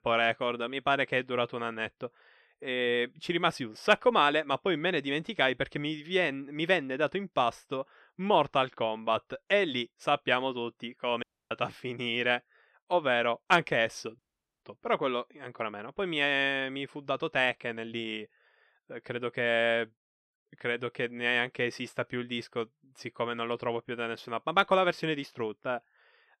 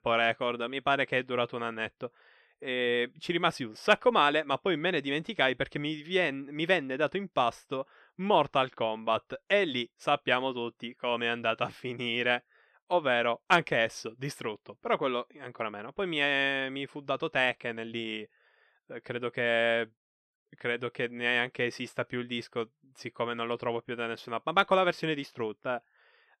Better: second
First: audio cutting out; at 11 s and at 14 s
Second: none

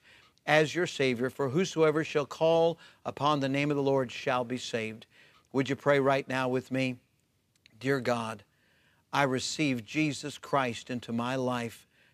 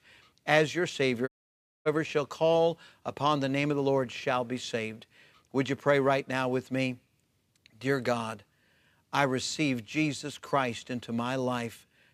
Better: first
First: none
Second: audio cutting out; at 1.5 s for 0.5 s

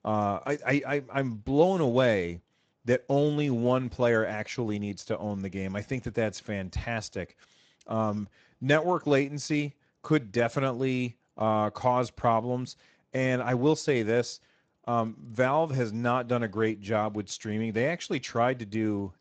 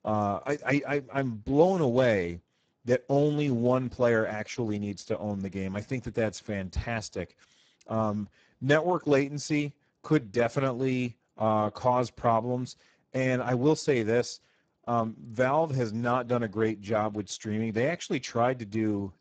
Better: first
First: garbled, watery; slightly; nothing above 7.5 kHz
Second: garbled, watery; badly; nothing above 7.5 kHz

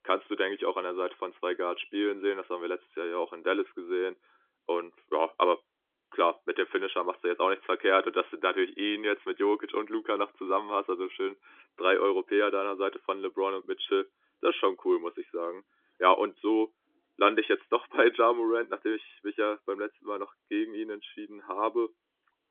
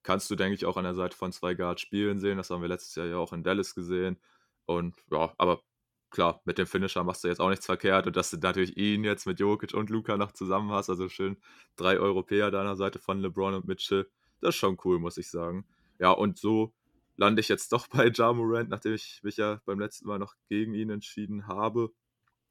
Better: second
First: phone-call audio; nothing above 3.5 kHz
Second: none

